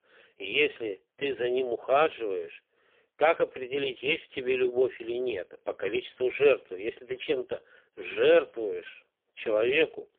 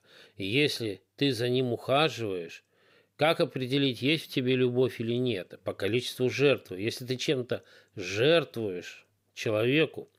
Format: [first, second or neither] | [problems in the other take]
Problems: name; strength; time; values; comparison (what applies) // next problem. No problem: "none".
second | phone-call audio; poor line; nothing above 3.5 kHz